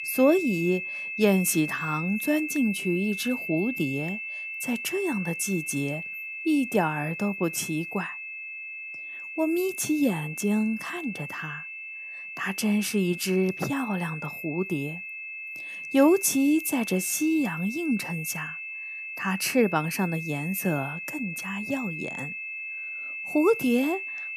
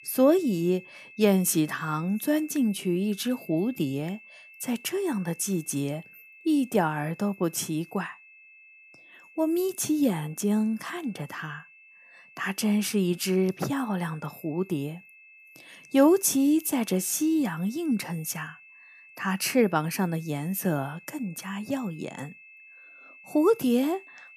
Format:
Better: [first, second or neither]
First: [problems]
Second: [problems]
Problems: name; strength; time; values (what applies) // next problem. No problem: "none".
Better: second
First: high-pitched whine; loud; throughout; 2.5 kHz, 7 dB below the speech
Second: high-pitched whine; faint; throughout; 2.5 kHz, 20 dB below the speech